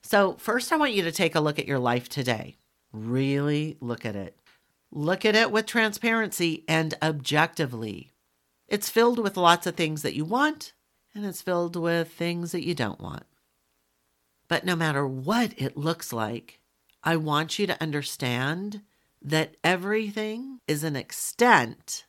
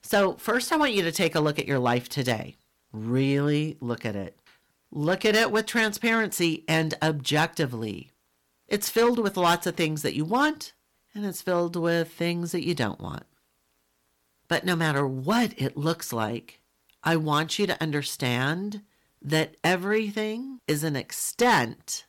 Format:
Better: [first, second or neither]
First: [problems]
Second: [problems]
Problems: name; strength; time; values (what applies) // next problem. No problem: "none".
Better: first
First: none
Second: distortion; slight; 3% of the sound clipped